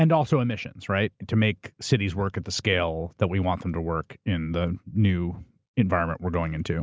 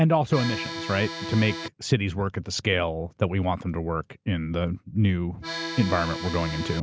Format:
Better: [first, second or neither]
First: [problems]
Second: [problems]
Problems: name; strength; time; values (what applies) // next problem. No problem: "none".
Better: first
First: none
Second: background sound (Accordion); 8 dB below the speech